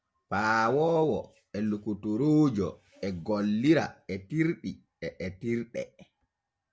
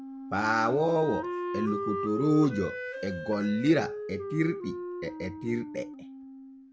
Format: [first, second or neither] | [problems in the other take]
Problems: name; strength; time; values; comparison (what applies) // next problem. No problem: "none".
first | background sound (Wind instrument, woodwind instrument); 7 dB below the speech